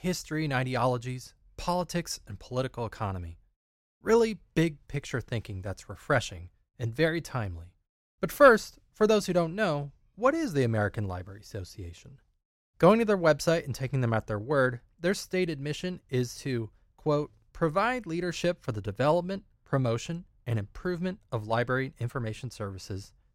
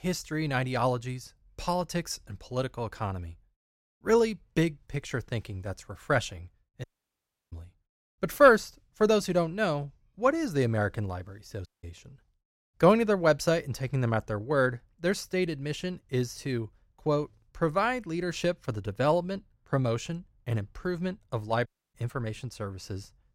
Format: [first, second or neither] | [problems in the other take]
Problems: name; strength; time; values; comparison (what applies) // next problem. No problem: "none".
first | audio cutting out; at 7 s for 0.5 s, at 12 s and at 22 s